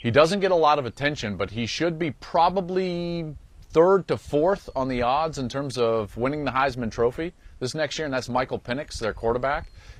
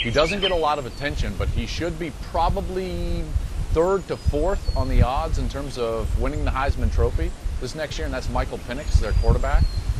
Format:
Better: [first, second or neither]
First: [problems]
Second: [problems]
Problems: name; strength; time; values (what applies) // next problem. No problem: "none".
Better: first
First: animal sounds; faint; throughout; 25 dB below the speech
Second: animal sounds; loud; throughout; 1 dB below the speech